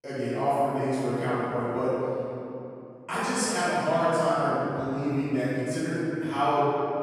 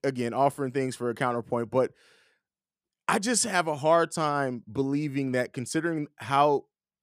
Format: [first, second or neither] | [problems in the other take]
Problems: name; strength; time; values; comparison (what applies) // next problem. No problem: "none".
second | off-mic speech; far // room echo; strong; dies away in 2.6 s